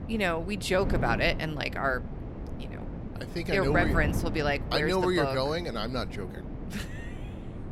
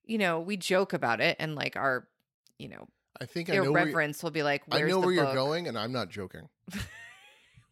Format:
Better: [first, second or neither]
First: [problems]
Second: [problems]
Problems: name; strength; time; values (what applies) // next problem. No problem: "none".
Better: second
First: wind noise on the microphone; occasional gusts; 15 dB below the speech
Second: none